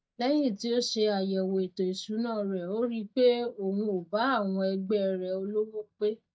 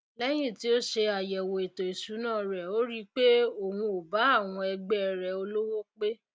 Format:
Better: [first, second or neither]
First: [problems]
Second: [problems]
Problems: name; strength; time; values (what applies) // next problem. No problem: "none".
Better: second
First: noise reduction (neural mask model DeepFilterNet 3)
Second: none